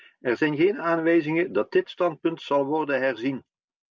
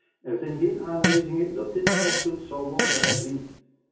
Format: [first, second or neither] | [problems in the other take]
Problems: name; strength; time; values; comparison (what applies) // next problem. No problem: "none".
first | background sound (Fart); 1 dB above the speech // room echo; dies away in 0.7 s